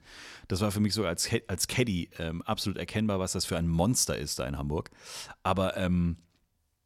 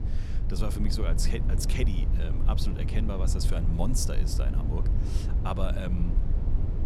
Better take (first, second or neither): first